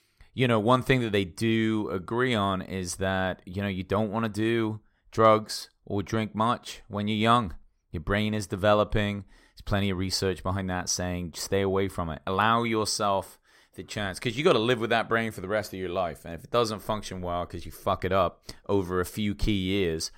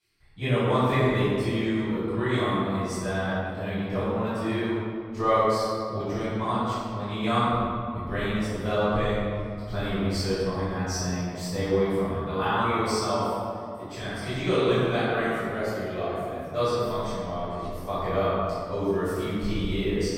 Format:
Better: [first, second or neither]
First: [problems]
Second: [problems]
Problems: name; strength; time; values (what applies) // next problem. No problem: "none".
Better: first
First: none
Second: off-mic speech; far // room echo; strong; dies away in 2.4 s